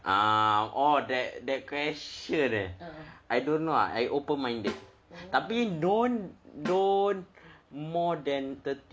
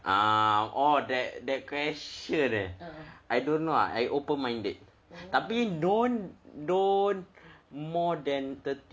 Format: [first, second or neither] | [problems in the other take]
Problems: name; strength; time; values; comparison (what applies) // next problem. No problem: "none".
second | background sound (Snare drum); 15 dB below the speech